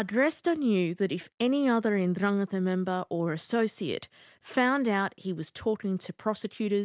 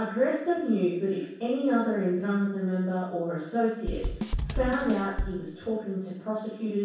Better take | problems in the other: first | background sound (Drum / Drum kit); 3 dB below the speech // room echo; dies away in 0.7 s

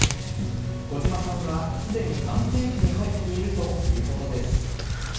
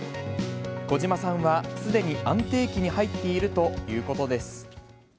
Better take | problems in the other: second | background sound (Tearing); 2 dB above the speech // room echo; dies away in 1 s

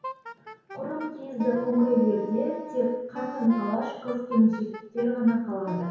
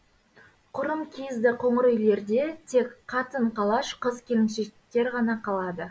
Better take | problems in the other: second | background sound (Wind instrument, woodwind instrument); 14 dB below the speech // room echo; dies away in 0.9 s

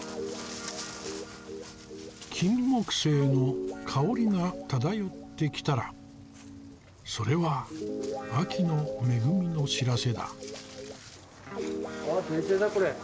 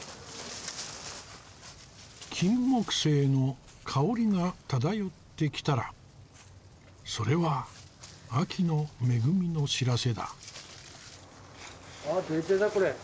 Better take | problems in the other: second | background sound (Guitar); 9 dB below the speech

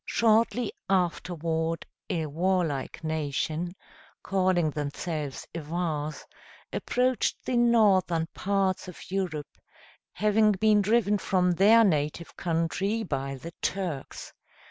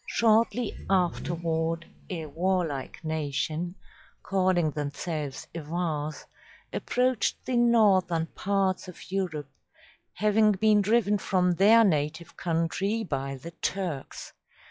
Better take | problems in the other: first | noise reduction (classical method log-MMSE)

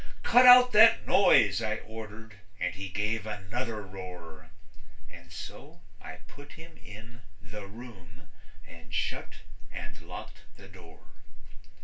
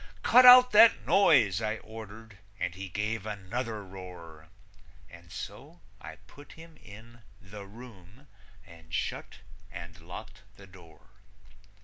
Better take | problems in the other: second | room echo; dies away in 0.2 s

